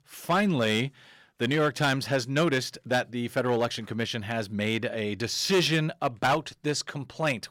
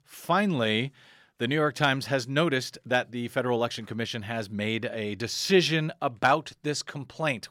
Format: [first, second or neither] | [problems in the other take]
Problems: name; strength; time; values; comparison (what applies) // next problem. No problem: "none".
second | distortion; slight; 4% of the sound clipped